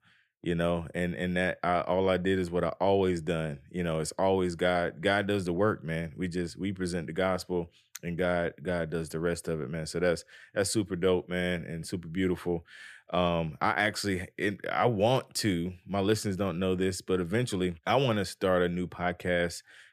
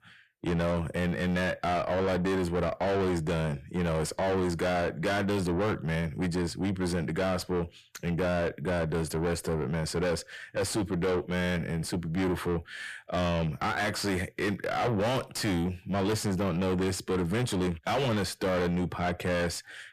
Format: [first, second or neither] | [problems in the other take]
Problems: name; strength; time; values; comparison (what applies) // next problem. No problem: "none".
first | distortion; heavy; 5 dB below the speech